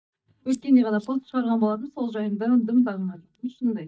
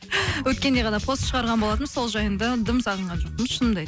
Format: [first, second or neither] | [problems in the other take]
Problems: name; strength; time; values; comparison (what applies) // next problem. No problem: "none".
second | noise reduction (neural mask model DeepFilterNet 3)